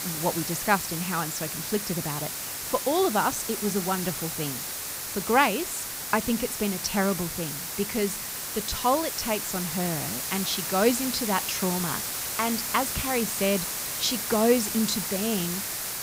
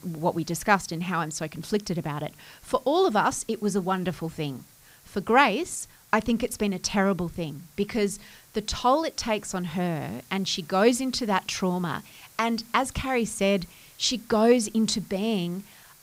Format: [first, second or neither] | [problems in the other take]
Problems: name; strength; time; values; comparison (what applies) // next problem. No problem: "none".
second | hiss; loud; throughout; 2 dB below the speech; faint in the second